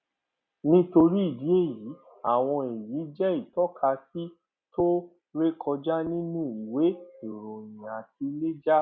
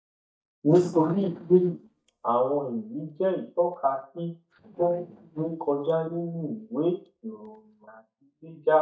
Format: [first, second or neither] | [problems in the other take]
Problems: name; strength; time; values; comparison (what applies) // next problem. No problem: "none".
first | noise reduction (neural mask model DeepFilterNet 3)